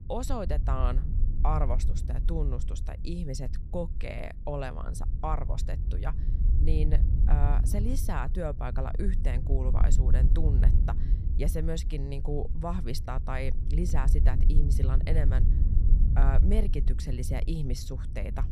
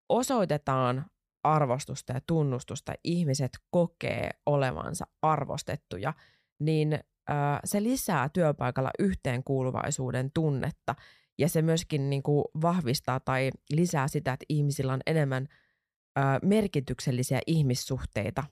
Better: second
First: wind noise on the microphone; heavy; 9 dB below the speech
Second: none

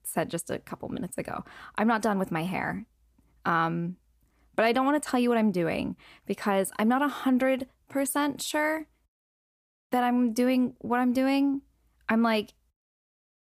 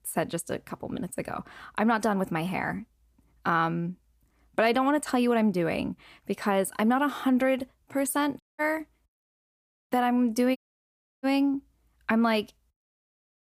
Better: first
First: none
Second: audio cutting out; at 8.5 s and at 11 s for 0.5 s

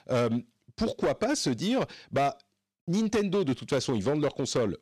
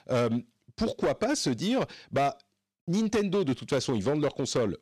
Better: neither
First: distortion; slight; 9% of the sound clipped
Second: distortion; slight; 9% of the sound clipped

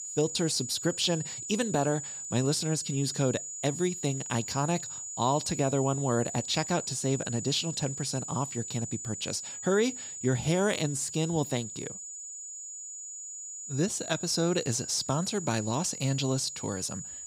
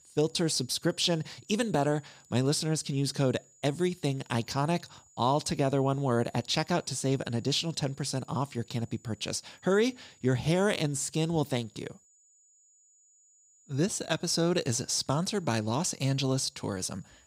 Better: second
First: high-pitched whine; loud; throughout; 7 kHz, 7 dB below the speech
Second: high-pitched whine; faint; throughout; 7 kHz, 30 dB below the speech

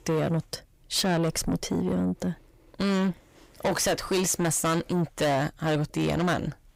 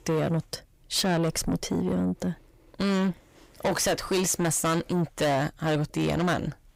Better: neither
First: distortion; heavy; 6 dB below the speech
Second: distortion; heavy; 6 dB below the speech

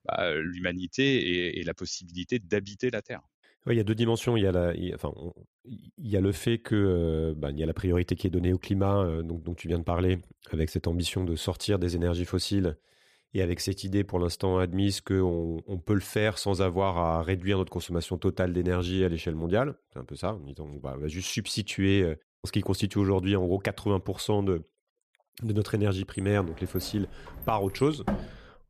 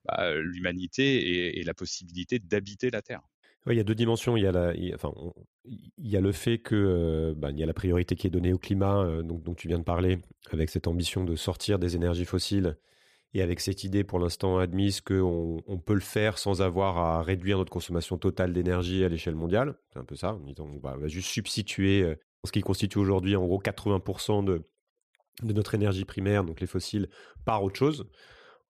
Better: second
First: door banging; noticeable; from 26 s on; peak 5 dB below the speech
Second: none

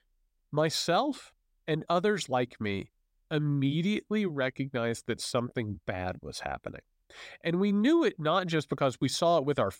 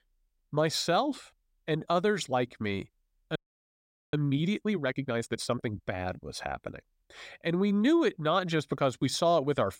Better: first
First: none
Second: audio freezing; at 3.5 s for 1 s

